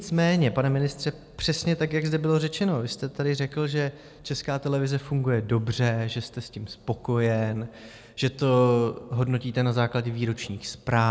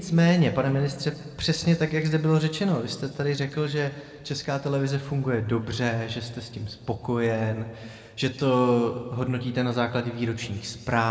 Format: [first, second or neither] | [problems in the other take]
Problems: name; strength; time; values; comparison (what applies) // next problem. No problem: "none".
first | room echo; dies away in 1.5 s